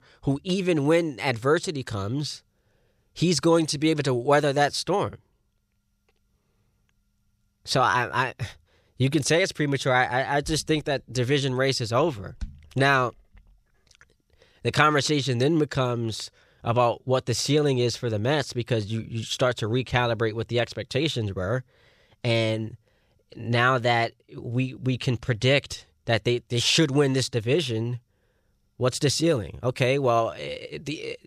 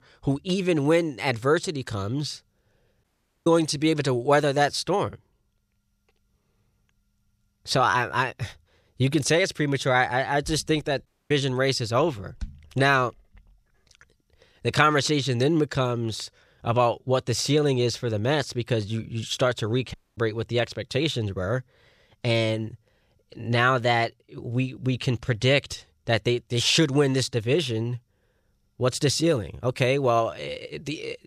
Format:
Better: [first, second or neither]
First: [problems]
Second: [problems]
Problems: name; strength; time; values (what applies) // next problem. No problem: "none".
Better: first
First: none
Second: audio cutting out; at 3 s, at 11 s and at 20 s